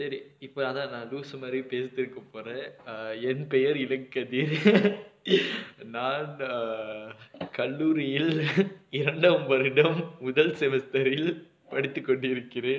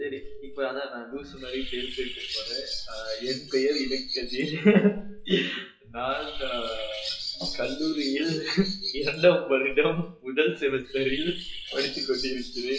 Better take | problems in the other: first | noise reduction (classical method WPE with log-MMSE)

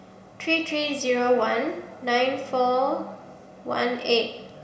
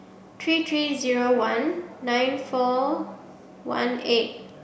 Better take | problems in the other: second | room echo; dies away in 1 s

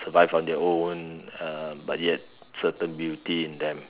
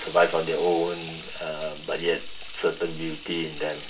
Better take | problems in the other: first | background sound (Sink (filling or washing) / Water tap, faucet); 15 dB below the speech // room echo; dies away in 0.2 s

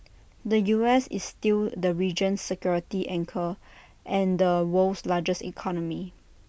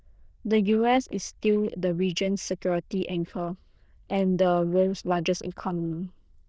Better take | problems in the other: first | noise reduction (neural diffusion model UNIVERSE++)

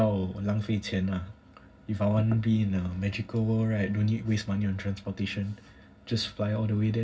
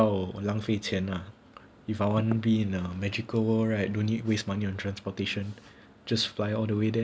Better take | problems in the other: second | room echo; dies away in 0.4 s

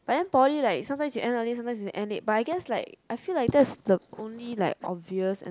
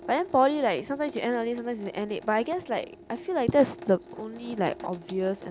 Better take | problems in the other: first | background sound (Sink (filling or washing) / Water tap, faucet); 17 dB below the speech

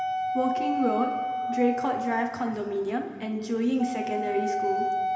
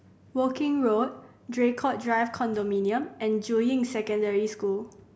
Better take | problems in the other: second | background sound (Wind instrument, woodwind instrument); 2 dB below the speech // room echo; dies away in 2.1 s

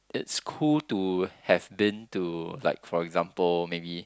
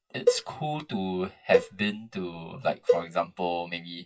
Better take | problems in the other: first | noise reduction (classical method WPE with log-MMSE)

